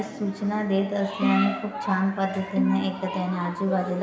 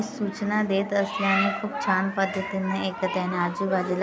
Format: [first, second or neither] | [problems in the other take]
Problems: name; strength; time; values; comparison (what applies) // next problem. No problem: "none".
second | background sound (Bowed string instrument); 6 dB below the speech // room echo; dies away in 0.8 s